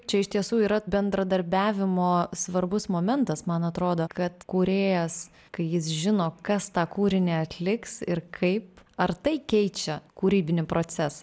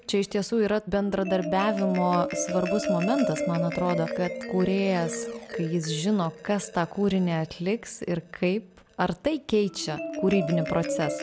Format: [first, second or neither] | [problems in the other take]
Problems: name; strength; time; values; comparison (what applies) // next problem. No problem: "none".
first | background sound (Marimba, xylophone); 7 dB below the speech